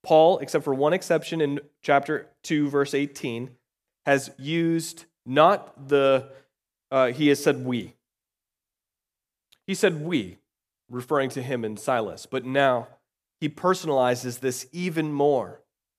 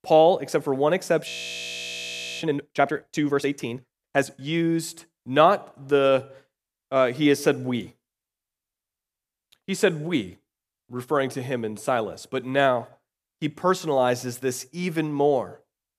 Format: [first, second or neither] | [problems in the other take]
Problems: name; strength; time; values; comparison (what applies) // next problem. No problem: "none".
first | audio freezing; at 1.5 s for 1 s